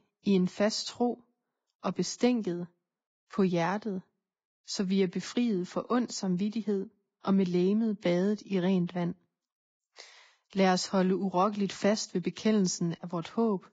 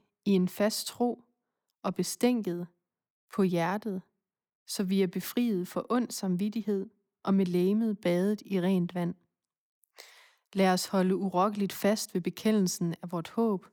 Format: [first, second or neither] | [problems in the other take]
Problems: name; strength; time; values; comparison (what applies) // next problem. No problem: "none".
second | garbled, watery; badly; nothing above 7.5 kHz